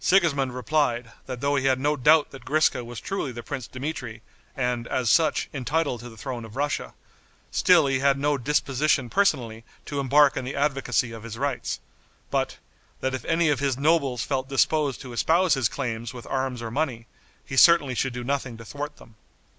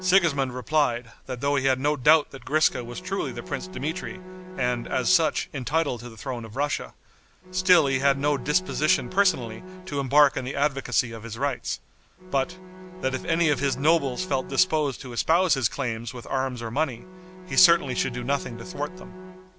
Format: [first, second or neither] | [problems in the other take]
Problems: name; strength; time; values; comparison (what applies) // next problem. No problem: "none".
first | background sound (Bowed string instrument); 16 dB below the speech